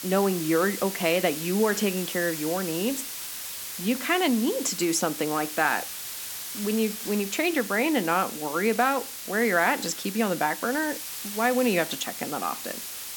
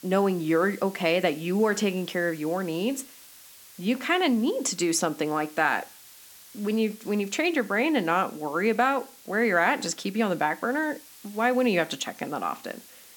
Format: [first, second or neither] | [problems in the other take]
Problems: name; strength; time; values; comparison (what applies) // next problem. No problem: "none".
second | hiss; loud; throughout; 7 dB below the speech; faint in the second